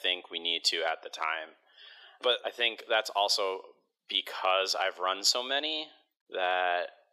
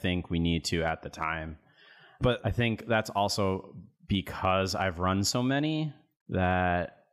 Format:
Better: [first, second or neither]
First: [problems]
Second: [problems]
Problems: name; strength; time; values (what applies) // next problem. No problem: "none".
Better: second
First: thin; very; fading below 400 Hz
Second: none